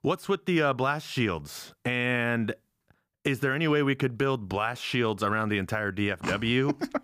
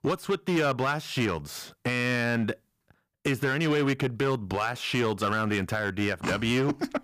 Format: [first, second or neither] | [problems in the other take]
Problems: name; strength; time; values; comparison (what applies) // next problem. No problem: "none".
first | distortion; slight; 8% of the sound clipped